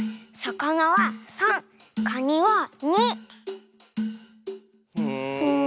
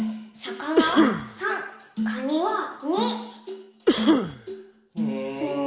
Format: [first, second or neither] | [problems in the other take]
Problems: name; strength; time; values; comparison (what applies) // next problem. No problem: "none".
first | background sound (Cough); 3 dB above the speech // room echo; dies away in 0.8 s